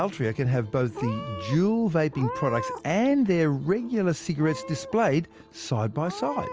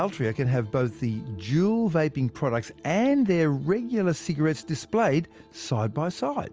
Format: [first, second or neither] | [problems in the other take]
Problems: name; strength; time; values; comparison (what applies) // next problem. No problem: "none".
second | background sound (Meow / Purr); 14 dB below the speech